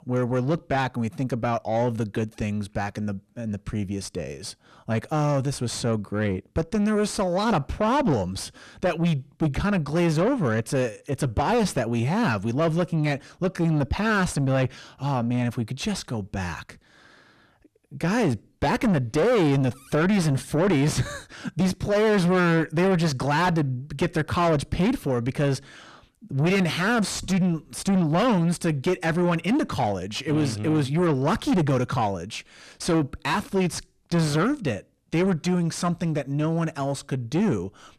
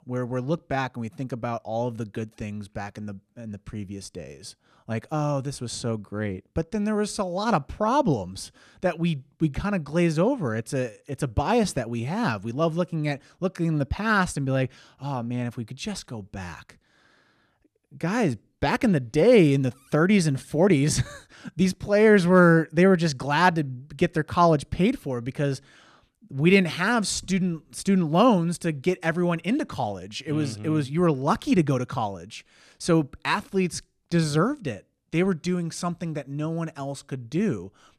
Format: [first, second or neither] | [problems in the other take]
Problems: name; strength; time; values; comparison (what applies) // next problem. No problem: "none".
second | distortion; heavy; 6 dB below the speech